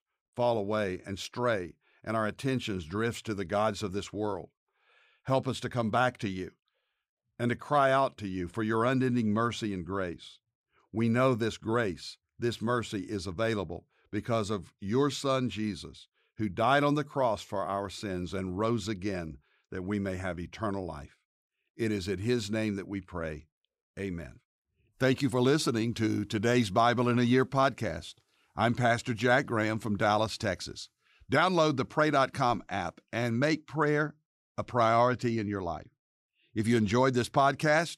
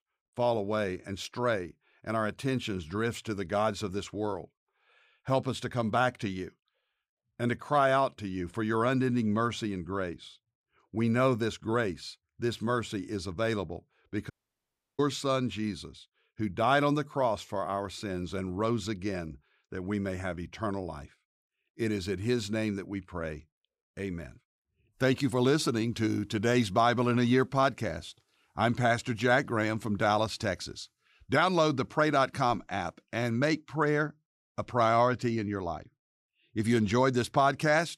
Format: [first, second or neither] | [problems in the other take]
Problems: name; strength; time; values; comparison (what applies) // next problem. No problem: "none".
first | audio cutting out; at 14 s for 0.5 s